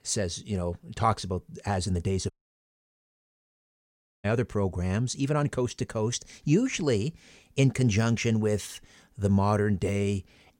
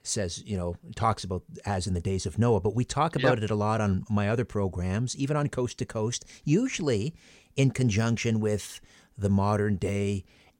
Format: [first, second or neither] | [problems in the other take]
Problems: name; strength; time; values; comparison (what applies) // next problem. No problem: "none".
second | audio cutting out; at 2.5 s for 2 s